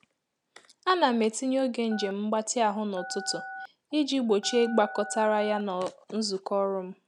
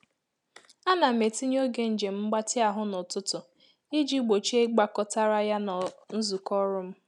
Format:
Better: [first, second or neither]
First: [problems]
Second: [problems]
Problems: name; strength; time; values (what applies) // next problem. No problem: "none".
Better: second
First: background sound (Telephone); 13 dB below the speech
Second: none